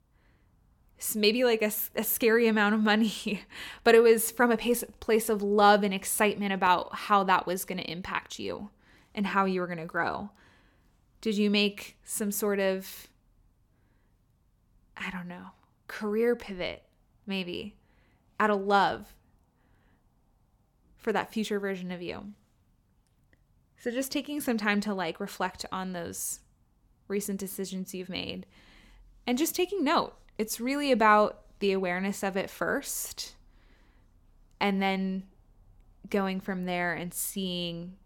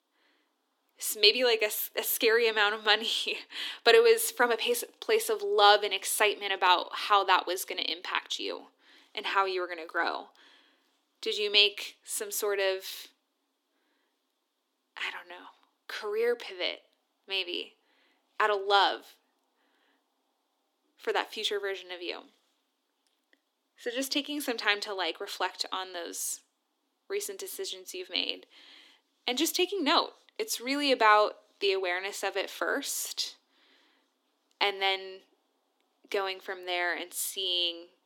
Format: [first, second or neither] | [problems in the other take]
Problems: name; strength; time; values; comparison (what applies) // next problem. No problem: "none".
first | thin; somewhat; fading below 250 Hz